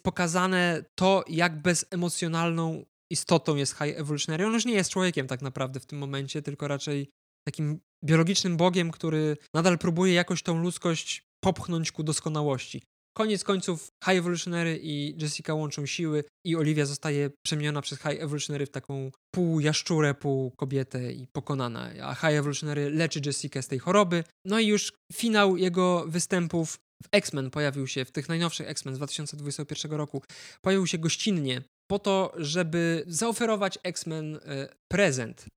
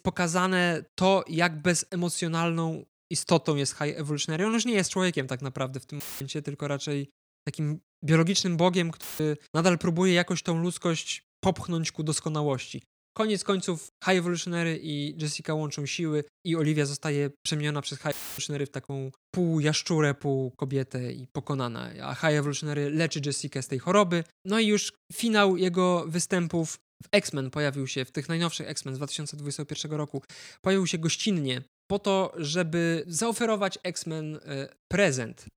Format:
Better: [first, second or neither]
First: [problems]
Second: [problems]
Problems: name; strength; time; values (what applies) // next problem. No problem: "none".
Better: first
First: none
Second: audio cutting out; filled with static; at 6 s, at 9 s and at 18 s